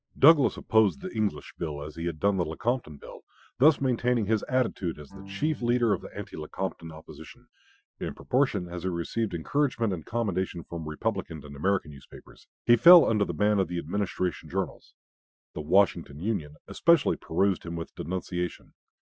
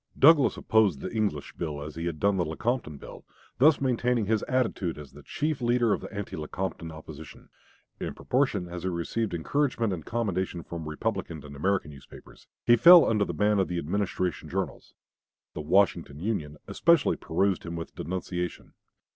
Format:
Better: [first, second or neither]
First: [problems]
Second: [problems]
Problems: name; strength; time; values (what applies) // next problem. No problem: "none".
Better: second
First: noise reduction (classical method Wiener filter)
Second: none